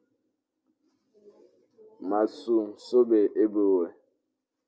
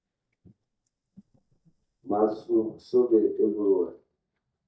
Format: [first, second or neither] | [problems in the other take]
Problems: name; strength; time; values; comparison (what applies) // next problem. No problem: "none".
first | noise reduction (neural mask model DeepFilterNet 3)